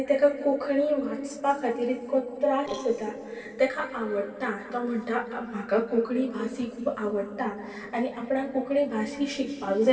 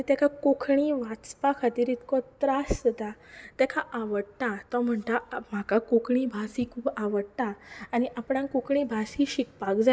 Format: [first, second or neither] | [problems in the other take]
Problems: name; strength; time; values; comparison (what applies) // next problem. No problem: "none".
second | noise reduction (neural separator model SepFormer DNS4)